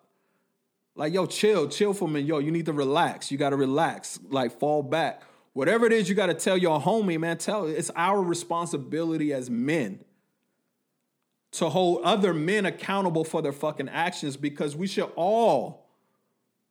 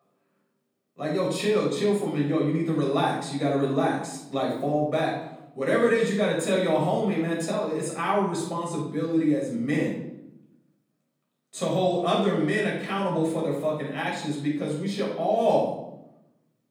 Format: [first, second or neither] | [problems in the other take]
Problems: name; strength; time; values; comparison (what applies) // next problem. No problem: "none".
first | room echo; noticeable; dies away in 0.7 s // off-mic speech; far